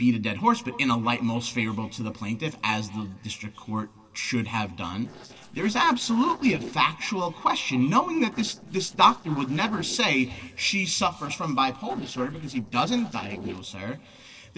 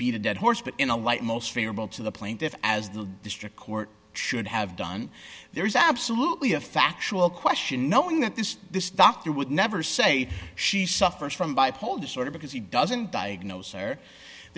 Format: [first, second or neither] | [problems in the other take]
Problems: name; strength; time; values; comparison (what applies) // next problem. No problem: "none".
second | noise reduction (neural separator model SepFormer DNS4)